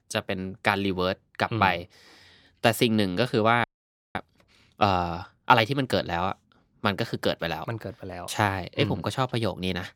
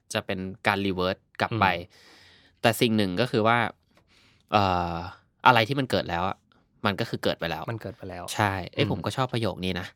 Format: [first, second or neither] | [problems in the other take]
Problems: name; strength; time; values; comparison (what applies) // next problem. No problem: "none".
second | audio freezing; at 3.5 s for 0.5 s